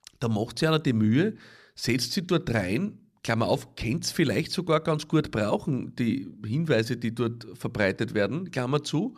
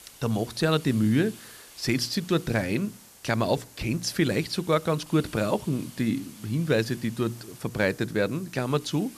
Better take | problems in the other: first | hiss; noticeable; throughout; 20 dB below the speech

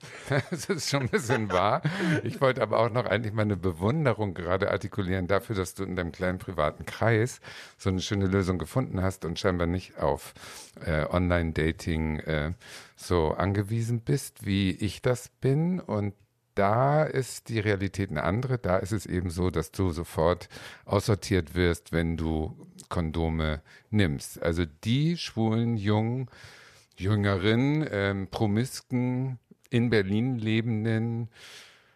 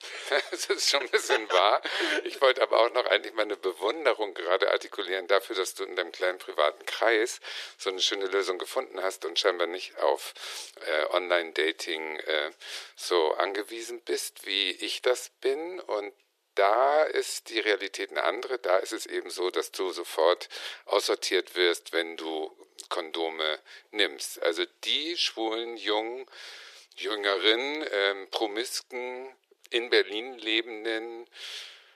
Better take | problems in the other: first | thin; very; fading below 350 Hz

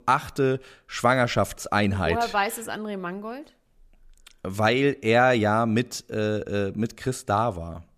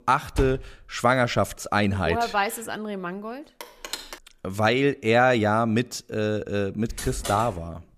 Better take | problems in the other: first | door banging; noticeable; at 0.5 s and at 7 s; peak 8 dB below the speech // phone ringing; faint; at 3.5 s; peak 10 dB below the speech

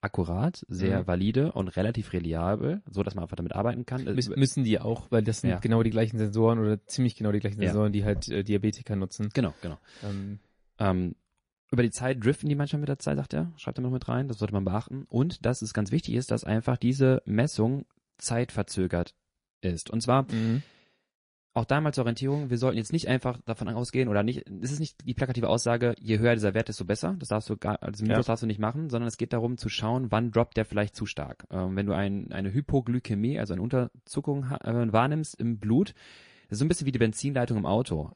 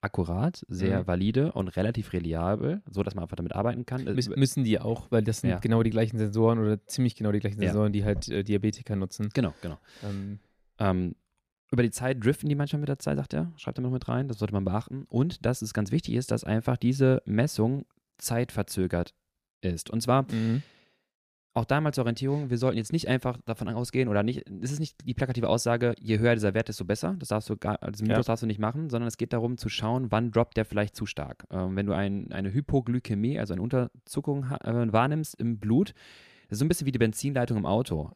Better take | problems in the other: second | garbled, watery; slightly; nothing above 10.5 kHz

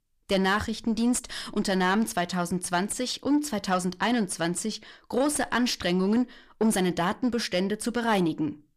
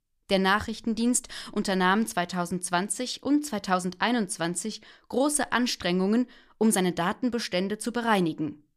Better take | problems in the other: second | distortion; slight; 10 dB below the speech

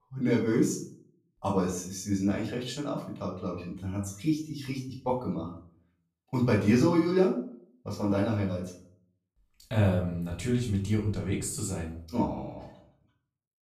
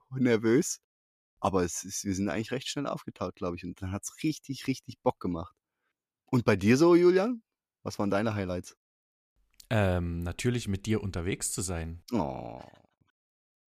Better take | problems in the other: second | off-mic speech; far // room echo; noticeable; dies away in 0.5 s

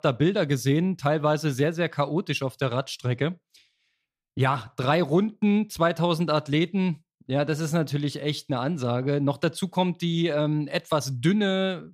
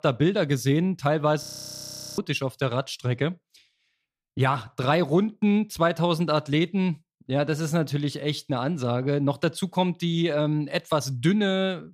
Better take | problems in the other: first | audio freezing; at 1.5 s for 1 s

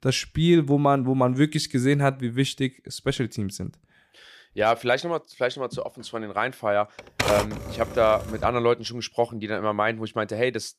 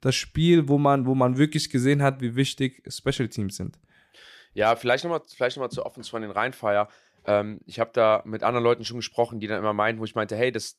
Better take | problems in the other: second | keyboard typing; noticeable; from 7 to 8.5 s; peak 1 dB below the speech

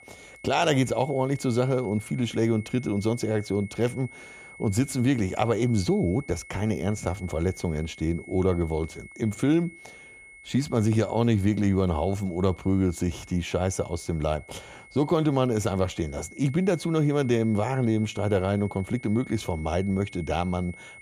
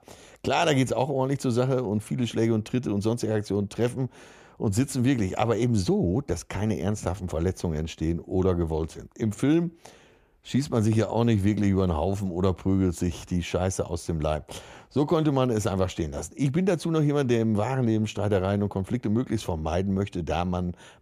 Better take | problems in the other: second | high-pitched whine; noticeable; throughout; 2 kHz, 20 dB below the speech

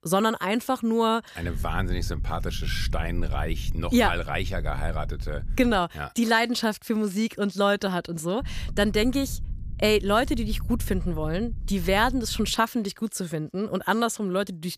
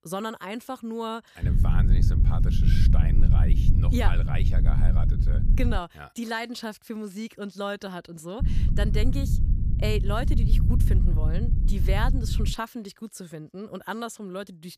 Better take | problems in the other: first | low rumble; loud; from 1.5 to 6 s and from 8.5 to 13 s; 5 dB below the speech; faint in the first

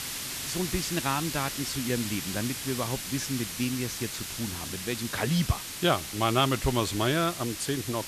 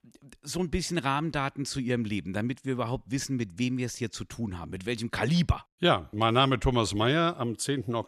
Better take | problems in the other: second | hiss; loud; throughout; 4 dB below the speech

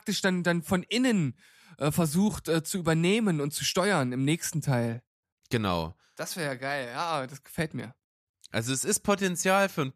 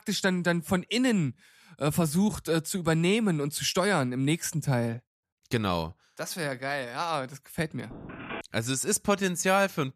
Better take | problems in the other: first | phone ringing; faint; at 8 s; peak 10 dB below the speech

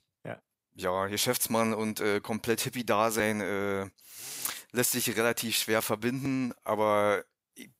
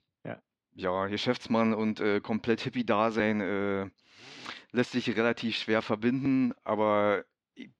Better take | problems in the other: first | muffled; slightly; fading above 4 kHz

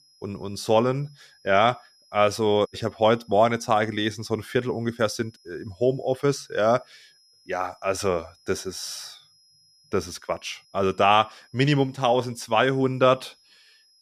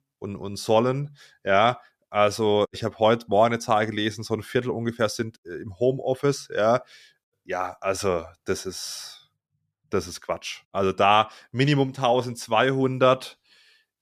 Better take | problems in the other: second | high-pitched whine; faint; throughout; 5 kHz, 30 dB below the speech

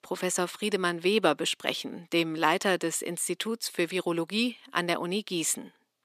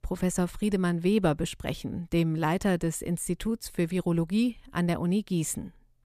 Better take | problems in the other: second | thin; somewhat; fading below 300 Hz

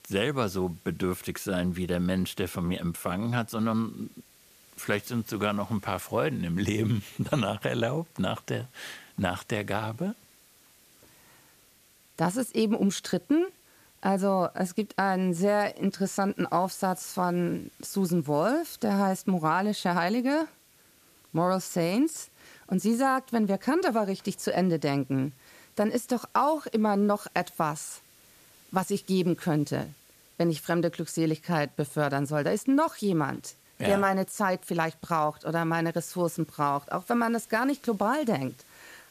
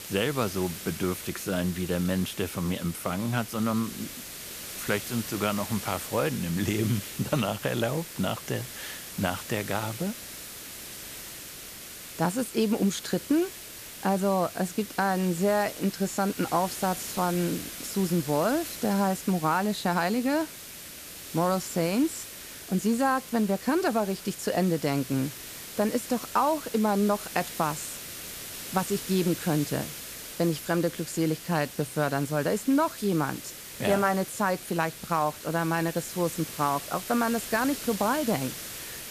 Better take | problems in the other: first | hiss; loud; throughout; 10 dB below the speech; faint in the first

